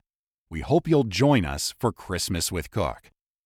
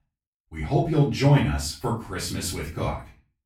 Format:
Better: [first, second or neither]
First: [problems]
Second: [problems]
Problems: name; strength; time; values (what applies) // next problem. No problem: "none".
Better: first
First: none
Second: room echo; slight; dies away in 0.3 s // off-mic speech; far